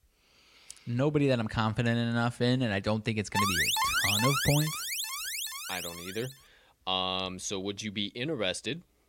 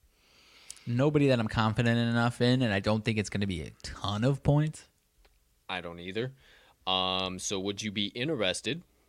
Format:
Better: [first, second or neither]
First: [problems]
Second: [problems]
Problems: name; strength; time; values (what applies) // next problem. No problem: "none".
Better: second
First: alarm; loud; from 3.5 to 6.5 s; peak 5 dB above the speech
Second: none